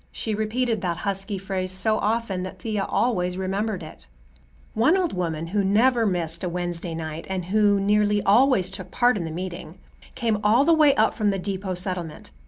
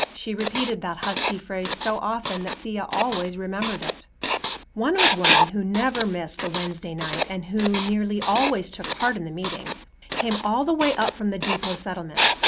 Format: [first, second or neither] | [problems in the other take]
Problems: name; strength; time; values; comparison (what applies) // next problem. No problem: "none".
first | background sound (Writing); 1 dB below the speech